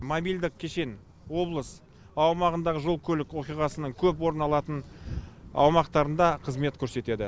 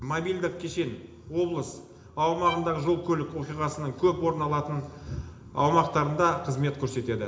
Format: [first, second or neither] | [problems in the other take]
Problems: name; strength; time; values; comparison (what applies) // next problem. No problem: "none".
first | background sound (Bowed string instrument); 18 dB below the speech // room echo; dies away in 0.8 s